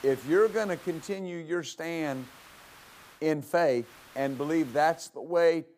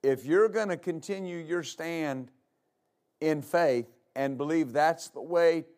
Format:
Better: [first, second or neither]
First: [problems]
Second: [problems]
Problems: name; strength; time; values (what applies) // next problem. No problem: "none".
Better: second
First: hiss; faint; until 1 s, from 2 to 3 s and from 4 to 5 s; 20 dB below the speech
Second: none